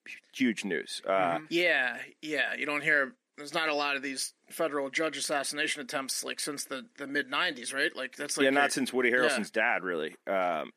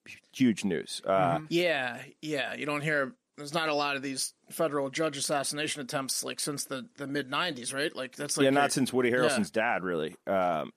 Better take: second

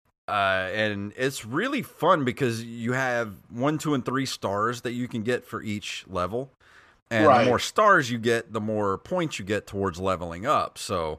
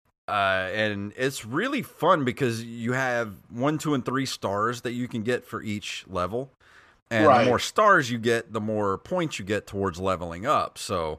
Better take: neither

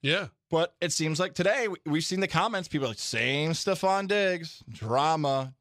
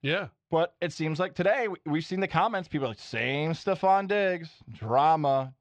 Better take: first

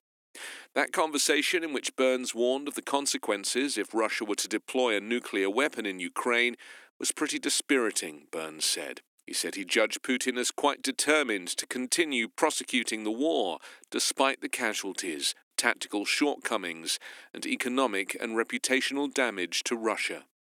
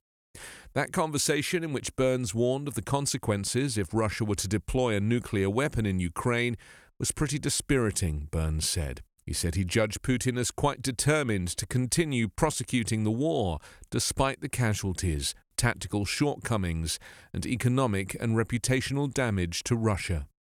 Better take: second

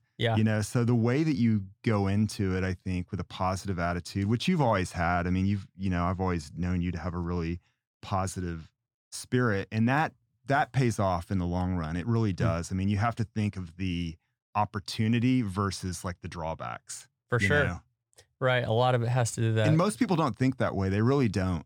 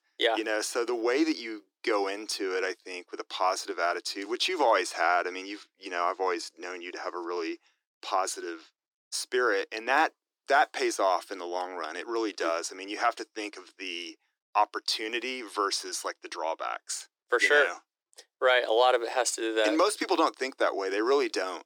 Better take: first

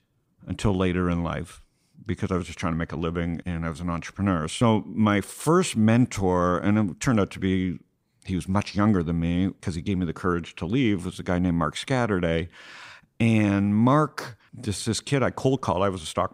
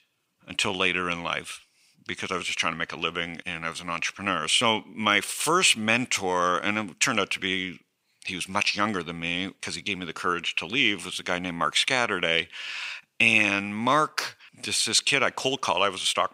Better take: first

